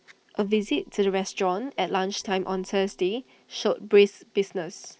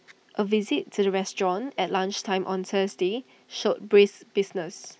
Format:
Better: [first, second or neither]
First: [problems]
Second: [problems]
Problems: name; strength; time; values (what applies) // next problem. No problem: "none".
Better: second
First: noise reduction (neural separator model SepFormer DNS4)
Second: none